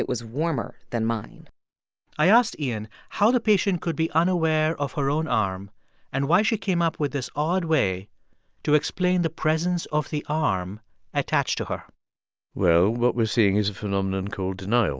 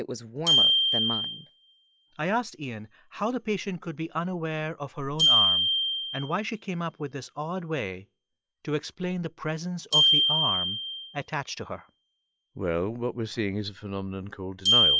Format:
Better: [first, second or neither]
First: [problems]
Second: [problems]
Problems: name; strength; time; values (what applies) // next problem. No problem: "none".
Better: first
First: none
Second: noise reduction (classical method log-MMSE)